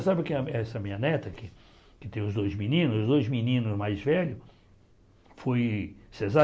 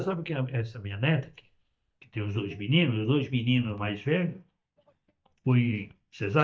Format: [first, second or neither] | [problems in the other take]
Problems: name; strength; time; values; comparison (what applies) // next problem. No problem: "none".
first | noise reduction (neural mask model DeepFilterNet 3)